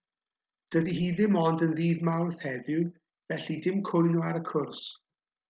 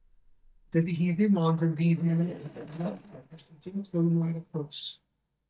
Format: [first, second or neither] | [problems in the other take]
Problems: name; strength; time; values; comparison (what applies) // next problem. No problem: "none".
first | noise reduction (neural mask model DeepFilterNet 3)